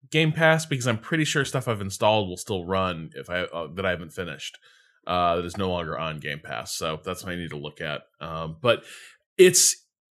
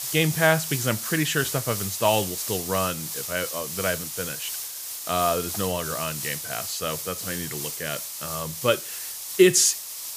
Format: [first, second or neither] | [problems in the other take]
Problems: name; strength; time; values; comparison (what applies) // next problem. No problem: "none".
first | hiss; loud; throughout; 5 dB below the speech